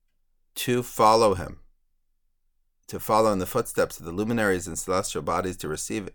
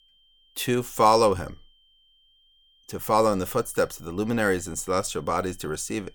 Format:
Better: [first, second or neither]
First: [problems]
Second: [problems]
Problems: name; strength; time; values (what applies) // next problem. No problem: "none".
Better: first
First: none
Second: high-pitched whine; faint; throughout; 3 kHz, 35 dB below the speech